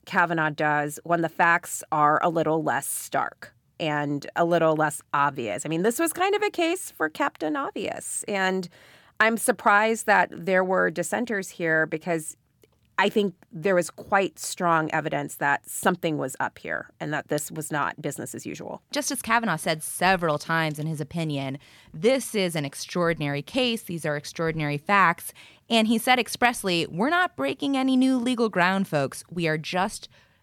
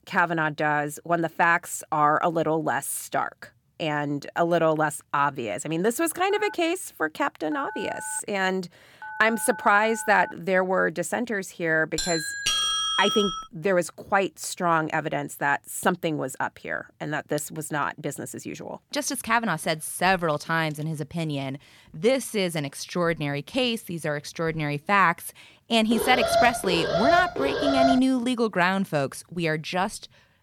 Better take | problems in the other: first | phone ringing; faint; from 6.5 to 10 s; peak 10 dB below the speech // doorbell; loud; from 12 to 13 s; peak 3 dB above the speech // alarm; loud; from 26 to 28 s; peak 3 dB above the speech

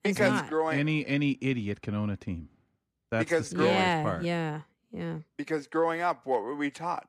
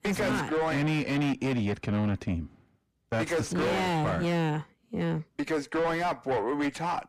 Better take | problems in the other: first | distortion; heavy; 6 dB below the speech

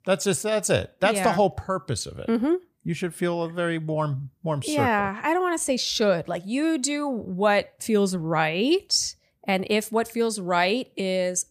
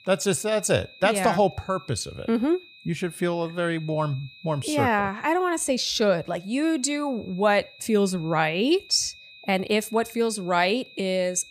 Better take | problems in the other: first | high-pitched whine; faint; throughout; 2.5 kHz, 20 dB below the speech

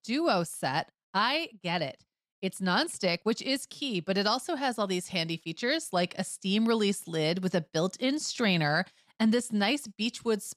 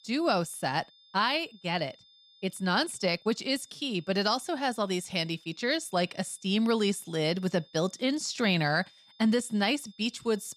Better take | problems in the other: first | high-pitched whine; faint; throughout; 3.5 kHz, 25 dB below the speech

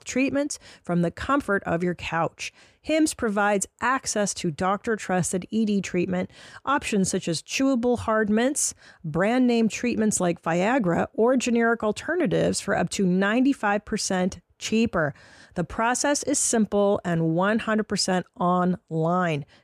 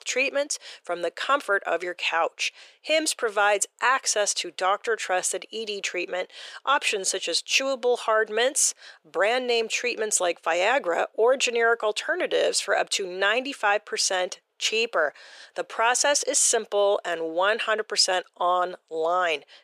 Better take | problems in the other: first | thin; very; fading below 450 Hz

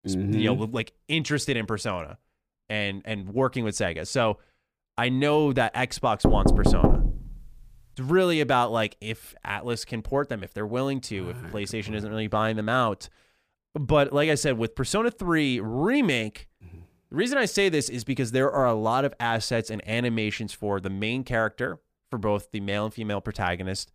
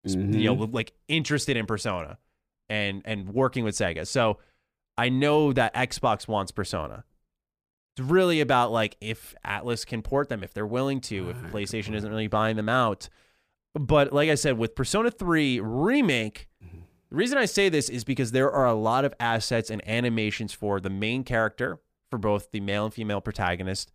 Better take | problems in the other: second | door banging; loud; at 6 s; peak 4 dB above the speech

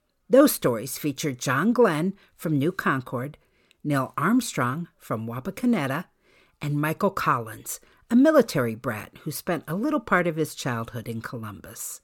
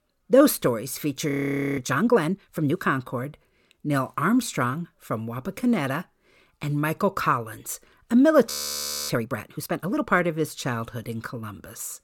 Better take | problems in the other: first | audio freezing; at 1.5 s and at 8.5 s for 0.5 s

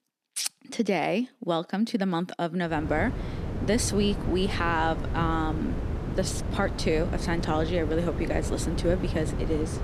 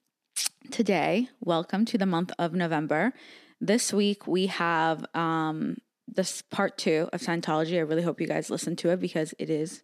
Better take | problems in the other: second | wind noise on the microphone; heavy; from 3 s on; 9 dB below the speech

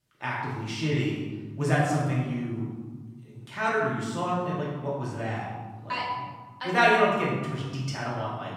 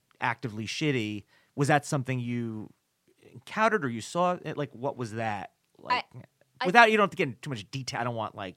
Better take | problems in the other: second | room echo; noticeable; dies away in 1.3 s // off-mic speech; far

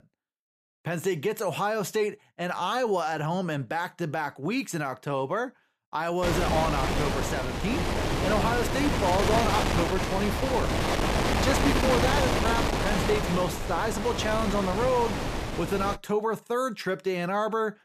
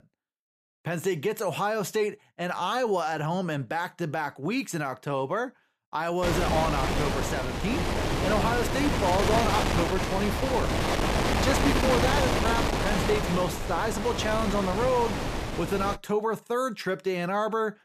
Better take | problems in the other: neither | wind noise on the microphone; heavy; from 6 to 16 s; as loud as the speech; the same in both

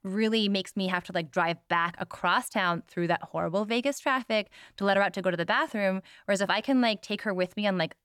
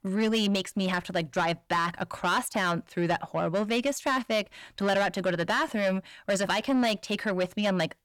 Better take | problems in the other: first | distortion; slight; 10 dB below the speech

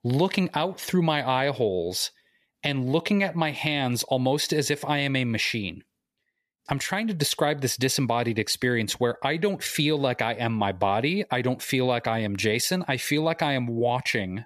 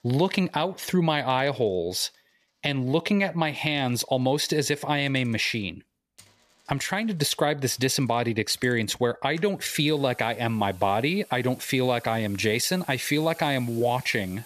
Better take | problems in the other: first | household noises; faint; throughout; 25 dB below the speech

